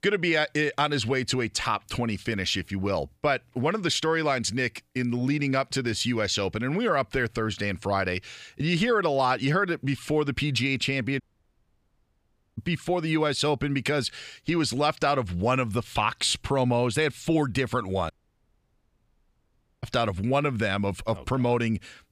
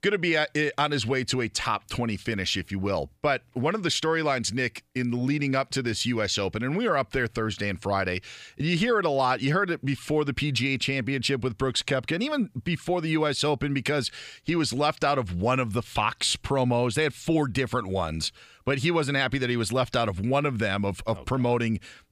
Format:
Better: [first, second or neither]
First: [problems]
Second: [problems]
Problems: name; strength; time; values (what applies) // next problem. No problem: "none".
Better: second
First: audio cutting out; at 11 s for 1.5 s and at 18 s for 1.5 s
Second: none